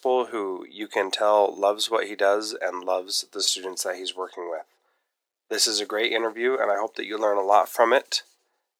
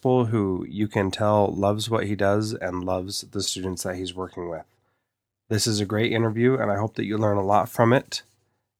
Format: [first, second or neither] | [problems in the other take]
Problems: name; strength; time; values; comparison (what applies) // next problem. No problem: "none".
second | thin; very; fading below 400 Hz